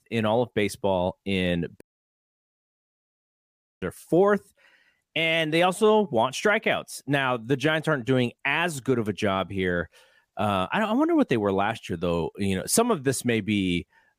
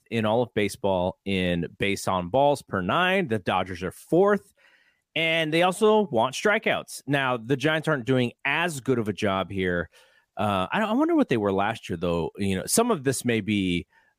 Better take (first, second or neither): second